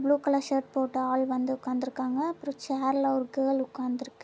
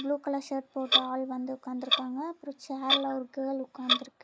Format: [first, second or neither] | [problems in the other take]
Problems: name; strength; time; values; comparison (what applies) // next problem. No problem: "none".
first | noise reduction (neural mask model Resemble Enhance denoiser)